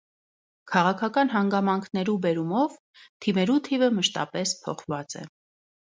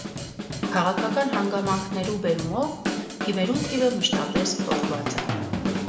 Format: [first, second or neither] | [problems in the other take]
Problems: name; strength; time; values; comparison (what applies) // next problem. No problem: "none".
first | background sound (Drum / Drum kit); 2 dB below the speech // room echo; dies away in 1.7 s